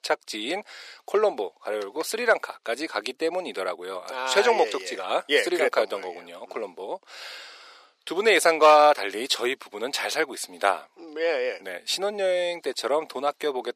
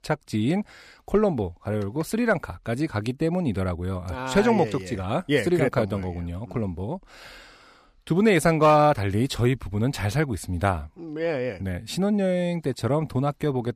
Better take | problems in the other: second | thin; very; fading below 400 Hz

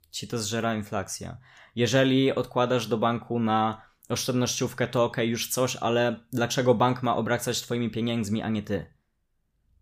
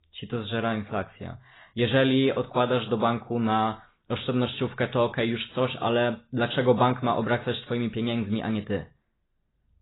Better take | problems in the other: first | garbled, watery; badly; nothing above 4 kHz

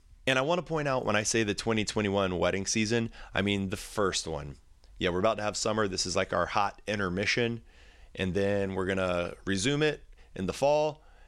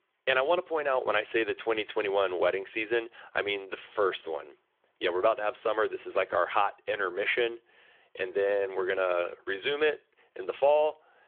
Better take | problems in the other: first | phone-call audio; nothing above 3.5 kHz

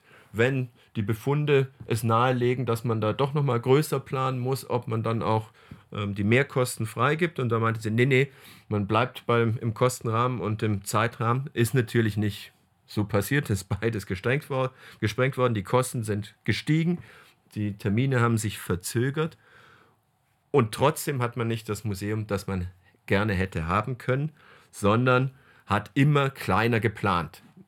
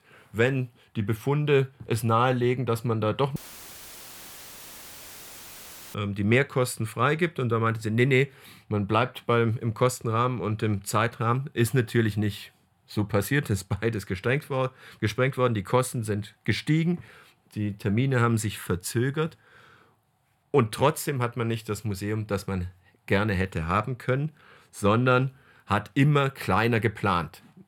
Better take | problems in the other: first | audio cutting out; filled with static; at 3.5 s for 2.5 s

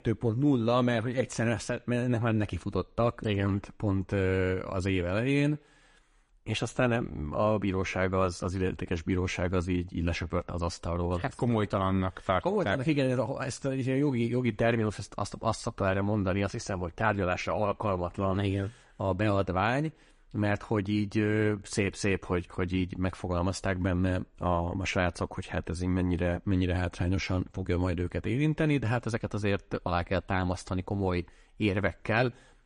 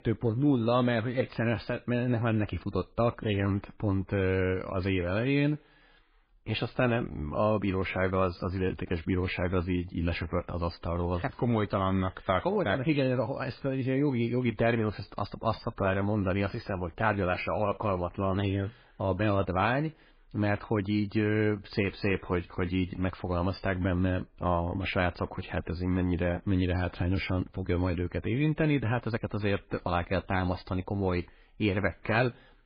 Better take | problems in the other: first | garbled, watery; badly; slightly in the first

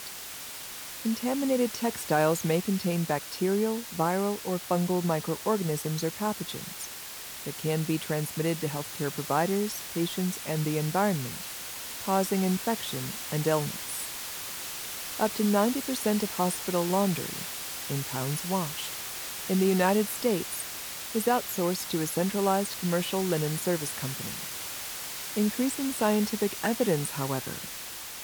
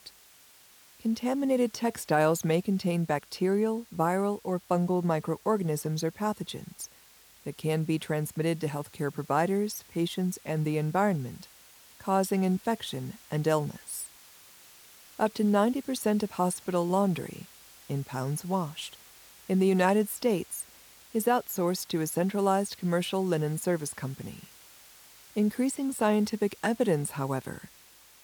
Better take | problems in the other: second | hiss; loud; throughout; 6 dB below the speech; faint in the second

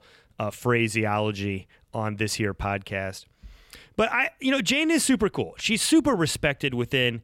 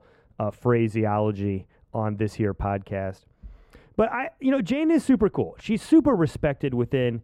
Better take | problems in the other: first | muffled; very; fading above 2 kHz

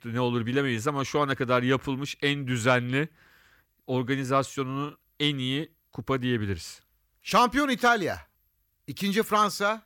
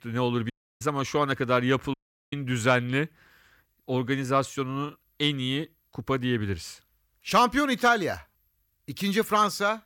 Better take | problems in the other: first | audio cutting out; at 0.5 s and at 2 s

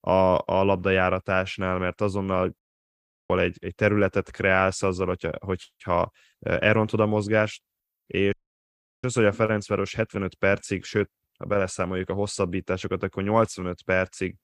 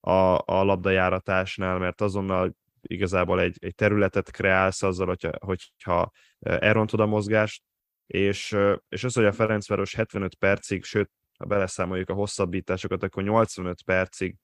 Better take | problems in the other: second | audio cutting out; at 2.5 s for 0.5 s and at 8.5 s for 0.5 s

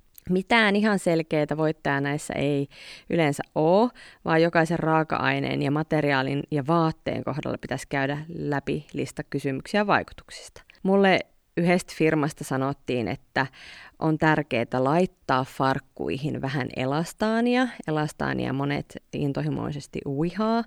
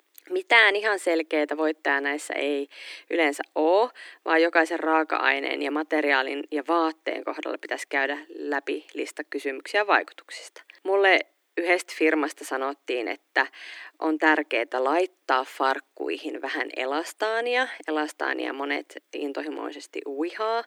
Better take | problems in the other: first | thin; somewhat; fading below 300 Hz

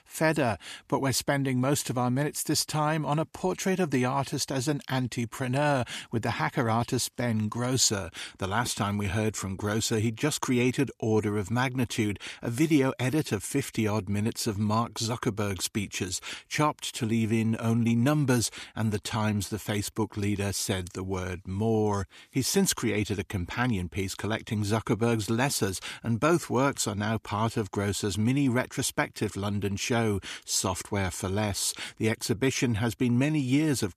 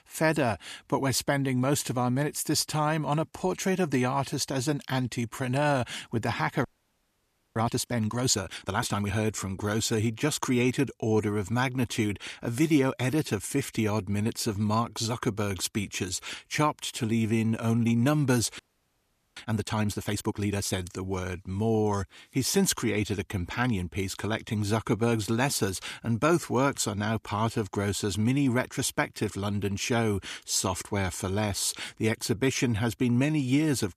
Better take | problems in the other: first | audio freezing; at 6.5 s for 1 s and at 19 s for 1 s

